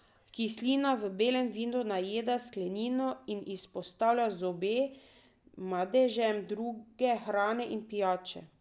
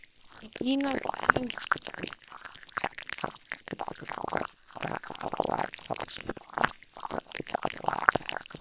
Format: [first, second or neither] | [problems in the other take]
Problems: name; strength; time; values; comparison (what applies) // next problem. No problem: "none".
first | noise reduction (neural separator model SepFormer WHAM!)